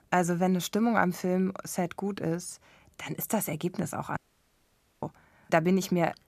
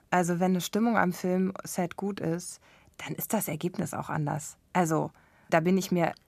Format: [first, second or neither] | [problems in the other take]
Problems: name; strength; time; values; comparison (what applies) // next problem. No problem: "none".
second | audio cutting out; at 4 s for 1 s